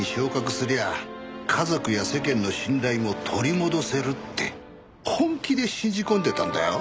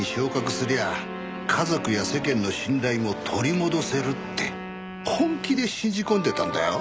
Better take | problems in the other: first | background sound (Wind instrument, woodwind instrument); 13 dB below the speech

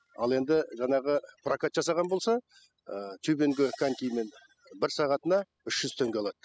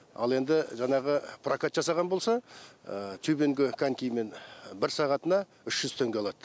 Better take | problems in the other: second | noise reduction (classical method spectral subtraction)

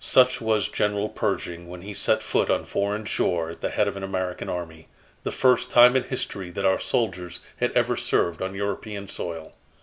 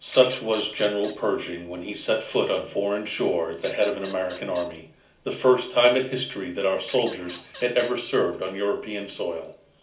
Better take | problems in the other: first | background sound (Bird vocalization, bird call, bird song / Fowl); 18 dB below the speech // room echo; dies away in 0.4 s

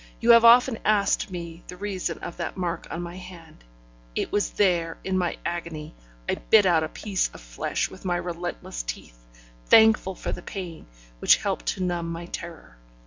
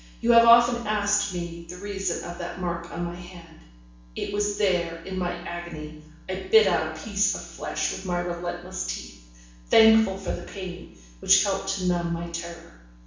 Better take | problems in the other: first | room echo; dies away in 0.7 s

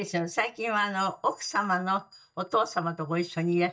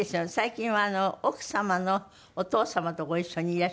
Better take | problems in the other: second | noise reduction (neural mask model DeepFilterNet 3)

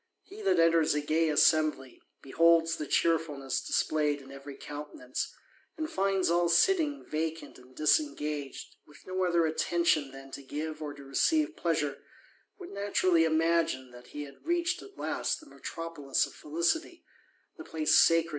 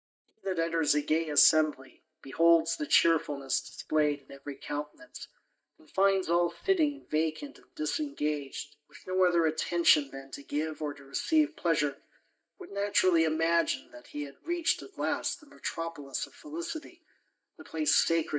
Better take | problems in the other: first | noise reduction (neural mask model DeepFilterNet 3)

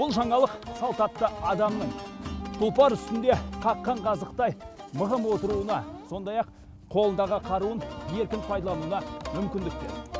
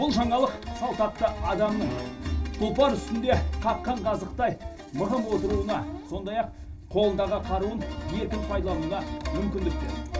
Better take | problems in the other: first | background sound (Bowed string instrument); 15 dB below the speech // room echo; dies away in 0.2 s

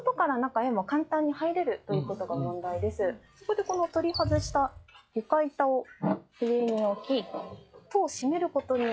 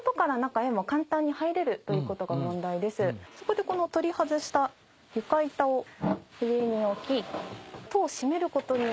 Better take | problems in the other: second | noise reduction (classical method log-MMSE)

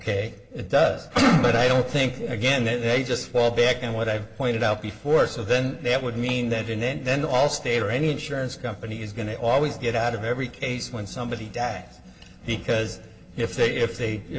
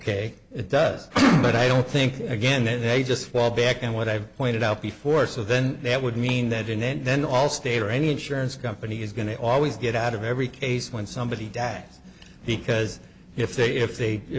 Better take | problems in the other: second | room echo; dies away in 0.4 s

